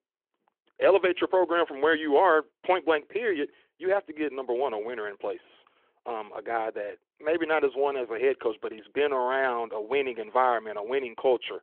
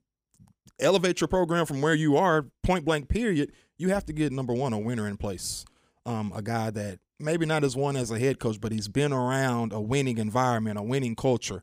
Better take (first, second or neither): second